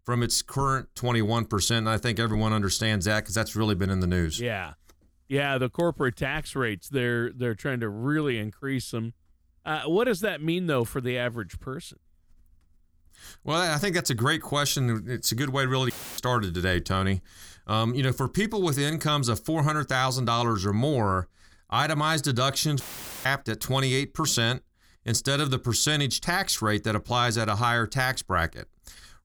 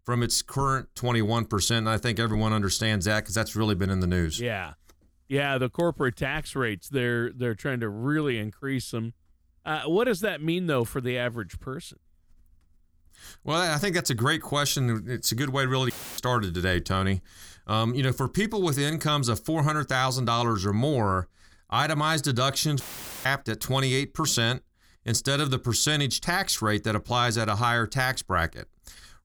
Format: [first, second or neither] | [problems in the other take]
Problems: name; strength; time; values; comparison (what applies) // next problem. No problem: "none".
neither | audio cutting out; filled with static; at 16 s and at 23 s; the same in both